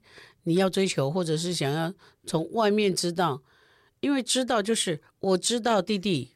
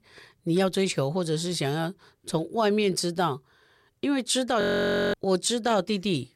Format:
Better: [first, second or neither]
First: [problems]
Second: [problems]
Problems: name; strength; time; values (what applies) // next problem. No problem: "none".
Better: first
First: none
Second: audio freezing; at 4.5 s for 0.5 s